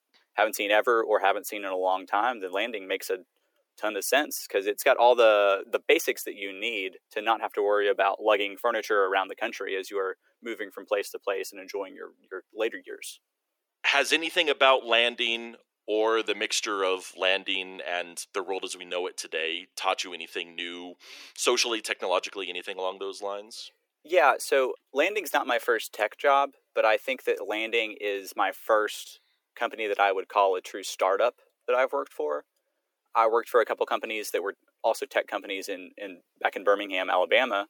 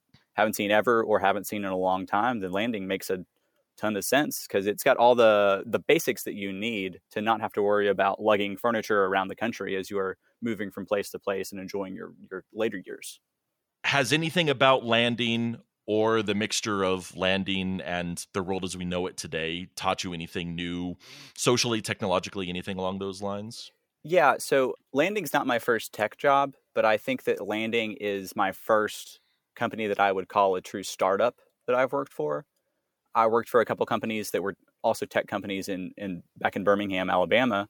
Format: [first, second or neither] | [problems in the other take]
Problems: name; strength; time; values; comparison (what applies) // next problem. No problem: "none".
second | thin; somewhat; fading below 350 Hz